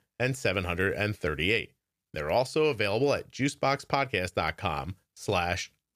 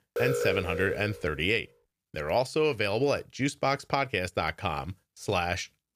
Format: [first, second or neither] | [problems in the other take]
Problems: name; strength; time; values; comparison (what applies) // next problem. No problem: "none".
first | alarm; noticeable; until 1 s; peak level with the speech